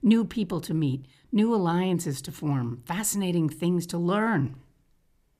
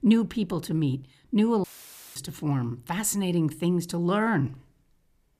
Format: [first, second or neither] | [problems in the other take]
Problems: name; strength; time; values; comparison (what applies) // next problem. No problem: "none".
first | audio cutting out; filled with static; at 1.5 s for 0.5 s